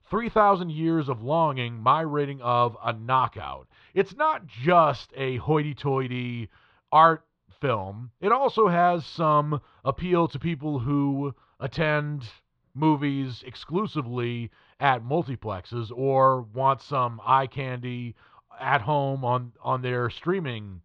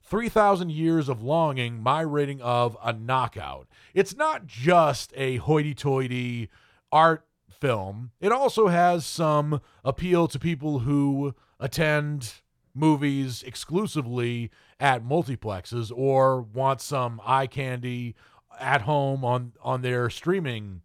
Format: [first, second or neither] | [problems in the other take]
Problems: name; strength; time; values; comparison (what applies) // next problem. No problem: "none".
second | muffled; slightly; fading above 4 kHz